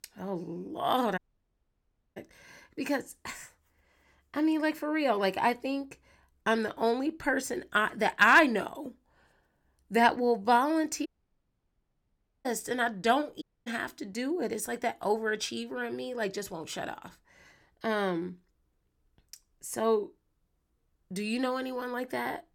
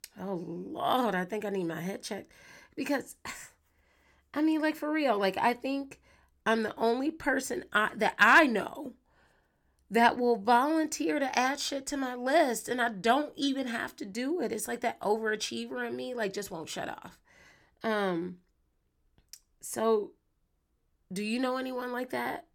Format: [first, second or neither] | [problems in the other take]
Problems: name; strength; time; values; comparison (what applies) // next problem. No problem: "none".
second | audio cutting out; at 1 s for 1 s, at 11 s for 1.5 s and at 13 s